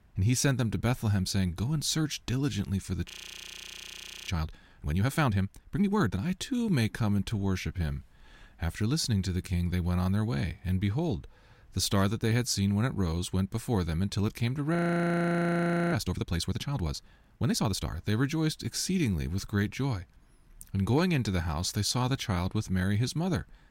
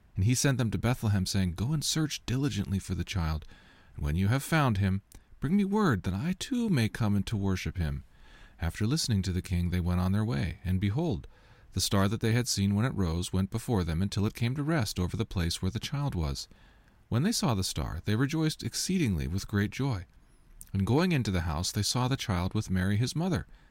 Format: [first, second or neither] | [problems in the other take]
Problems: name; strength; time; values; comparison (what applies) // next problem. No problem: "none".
second | audio freezing; at 3 s for 1 s and at 15 s for 1 s